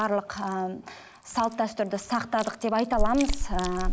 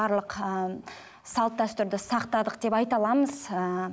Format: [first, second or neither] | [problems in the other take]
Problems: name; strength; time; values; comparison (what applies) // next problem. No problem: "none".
second | background sound (Chewing, mastication); 4 dB below the speech